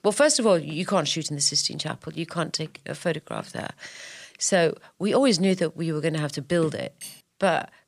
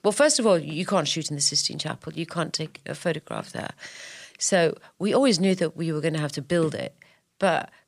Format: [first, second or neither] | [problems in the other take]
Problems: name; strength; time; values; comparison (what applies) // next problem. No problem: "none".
second | clattering dishes; faint; at 7 s; peak 15 dB below the speech